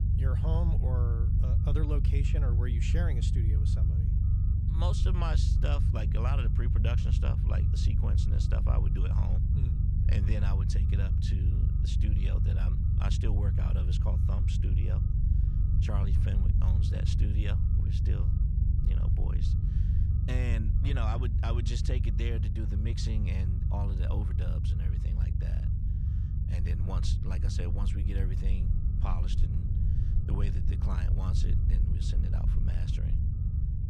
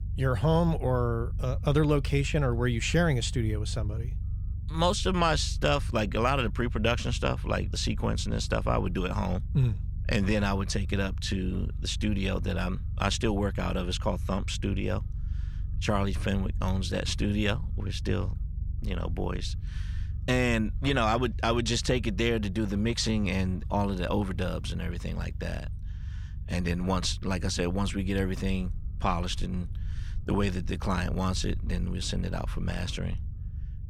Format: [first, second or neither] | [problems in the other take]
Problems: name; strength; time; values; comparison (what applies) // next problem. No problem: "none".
second | low rumble; loud; throughout; 1 dB below the speech; faint in the second